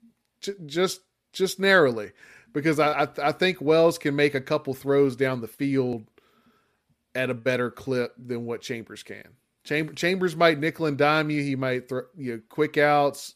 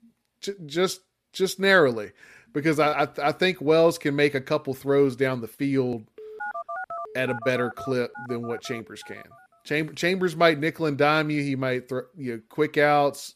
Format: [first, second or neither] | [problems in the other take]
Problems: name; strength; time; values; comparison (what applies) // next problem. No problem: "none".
first | phone ringing; noticeable; from 6 to 9.5 s; peak 8 dB below the speech